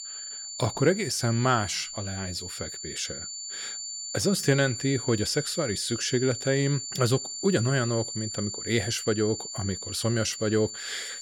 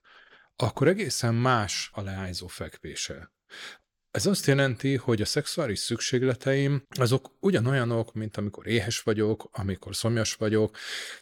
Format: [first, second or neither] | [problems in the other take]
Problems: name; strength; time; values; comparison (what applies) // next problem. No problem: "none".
second | high-pitched whine; loud; throughout; 7 kHz, 7 dB below the speech